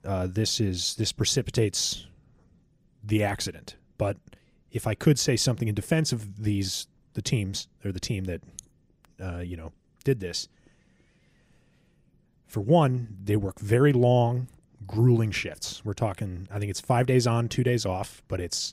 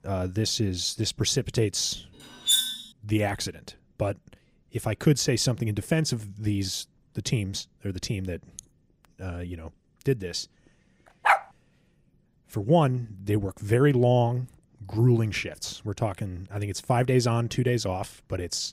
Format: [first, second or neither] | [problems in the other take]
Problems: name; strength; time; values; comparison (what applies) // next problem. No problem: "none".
first | clattering dishes; loud; at 2.5 s; peak 5 dB above the speech // dog barking; loud; at 11 s; peak 4 dB above the speech